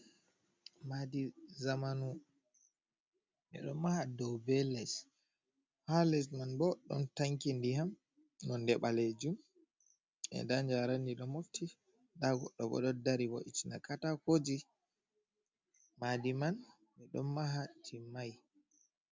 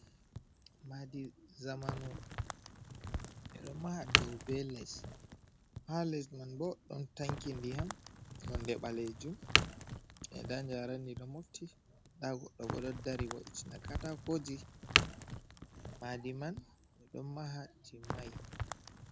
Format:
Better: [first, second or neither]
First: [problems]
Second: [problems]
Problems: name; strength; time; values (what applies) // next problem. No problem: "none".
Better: first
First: none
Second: background sound (Crack); 2 dB above the speech